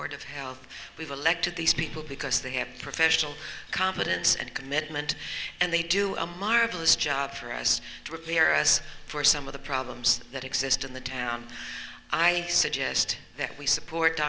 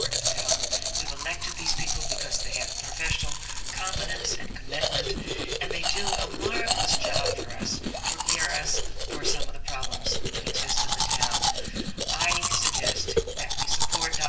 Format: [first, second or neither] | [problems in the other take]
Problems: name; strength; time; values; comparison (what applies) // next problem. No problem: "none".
first | background sound (Domestic sounds, home sounds); 1 dB above the speech // room echo; dies away in 0.2 s